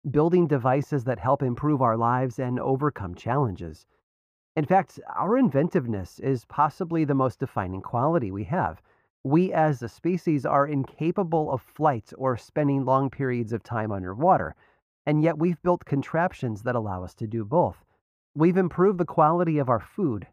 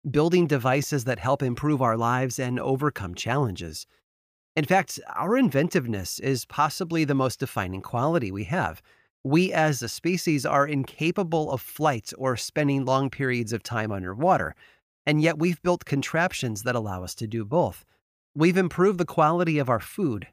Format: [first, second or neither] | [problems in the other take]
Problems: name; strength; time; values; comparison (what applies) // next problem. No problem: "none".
second | muffled; very; fading above 2 kHz